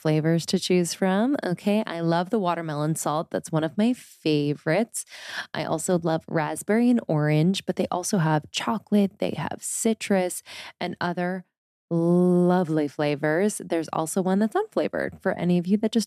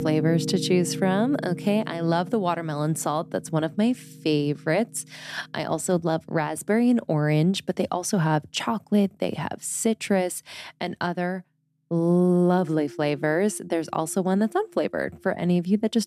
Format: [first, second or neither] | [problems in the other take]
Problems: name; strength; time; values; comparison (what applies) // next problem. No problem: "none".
first | background music; noticeable; throughout; 10 dB below the speech